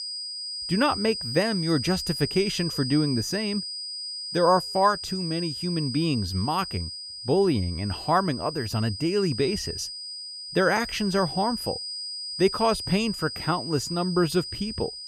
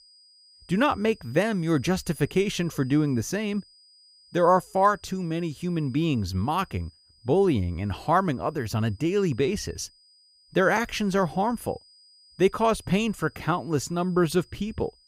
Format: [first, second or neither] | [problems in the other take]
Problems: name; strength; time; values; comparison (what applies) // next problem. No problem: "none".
second | high-pitched whine; loud; throughout; 5 kHz, 6 dB below the speech; faint in the second